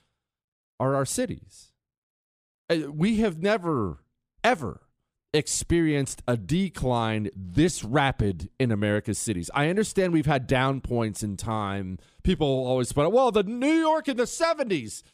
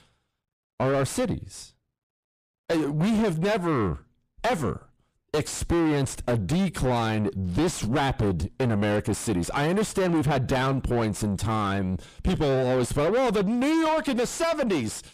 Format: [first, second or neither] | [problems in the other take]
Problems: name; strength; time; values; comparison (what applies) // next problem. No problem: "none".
first | distortion; heavy; 4 dB below the speech